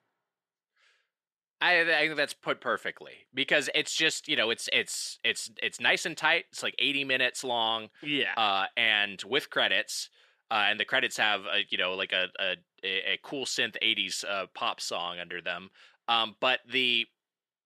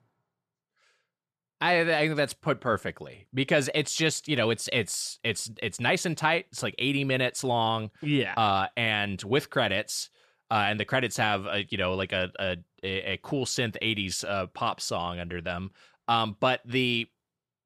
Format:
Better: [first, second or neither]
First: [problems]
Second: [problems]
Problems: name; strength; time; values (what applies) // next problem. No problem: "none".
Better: second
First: thin; somewhat; fading below 300 Hz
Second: none